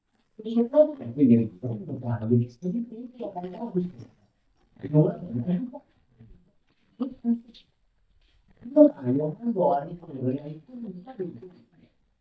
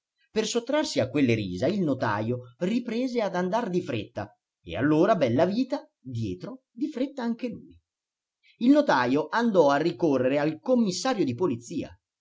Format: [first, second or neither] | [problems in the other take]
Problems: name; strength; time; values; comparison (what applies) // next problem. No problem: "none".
second | noise reduction (neural mask model DeepFilterNet 3)